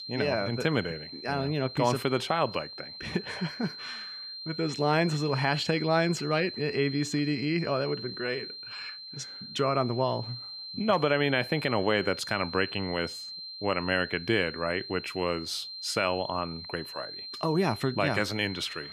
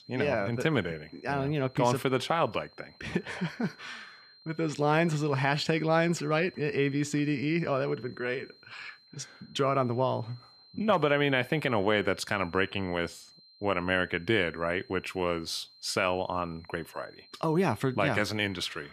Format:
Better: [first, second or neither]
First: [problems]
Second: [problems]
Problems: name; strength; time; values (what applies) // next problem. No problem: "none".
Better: second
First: high-pitched whine; loud; throughout; 4 kHz, 10 dB below the speech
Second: high-pitched whine; faint; throughout; 4 kHz, 25 dB below the speech